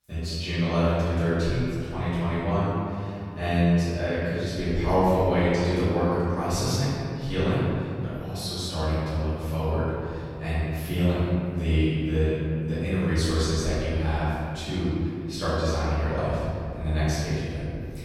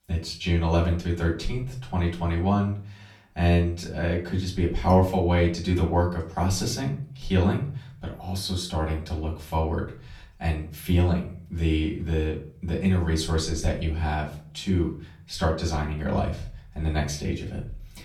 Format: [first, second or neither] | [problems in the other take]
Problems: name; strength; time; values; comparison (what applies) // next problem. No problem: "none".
second | room echo; strong; dies away in 2.4 s; slight in the second // off-mic speech; far; far in the second